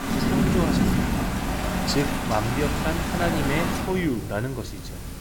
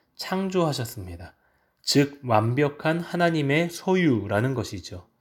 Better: second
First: rain or running water; very loud; throughout; 3 dB above the speech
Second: none

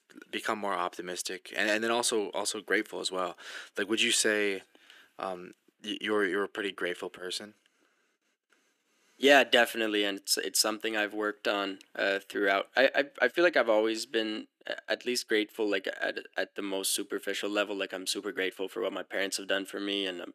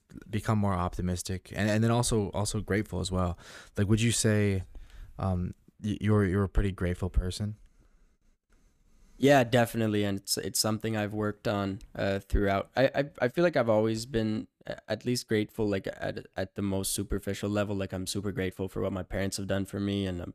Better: second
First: thin; somewhat; fading below 300 Hz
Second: none

